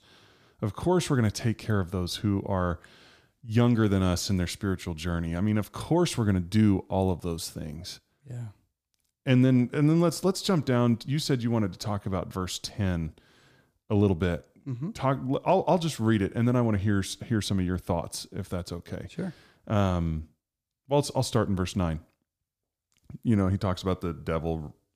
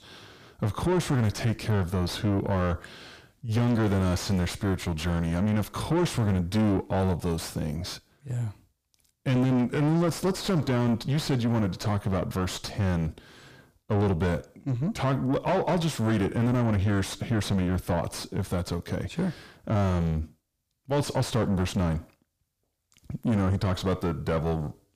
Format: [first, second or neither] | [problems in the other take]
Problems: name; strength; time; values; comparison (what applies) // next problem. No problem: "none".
first | distortion; heavy; 5 dB below the speech